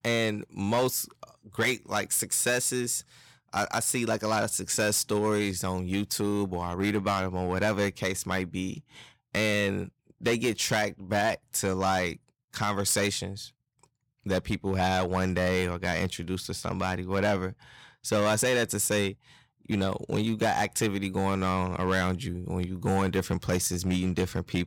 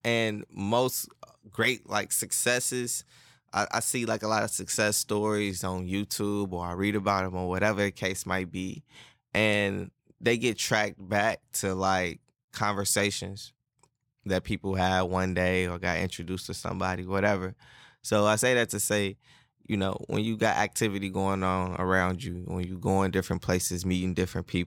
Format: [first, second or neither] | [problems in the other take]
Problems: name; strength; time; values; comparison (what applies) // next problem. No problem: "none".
second | distortion; slight; 5% of the sound clipped